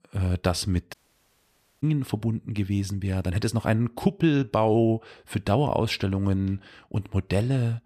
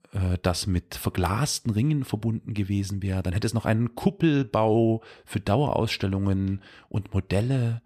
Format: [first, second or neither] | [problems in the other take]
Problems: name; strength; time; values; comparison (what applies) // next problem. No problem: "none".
second | audio cutting out; at 1 s for 1 s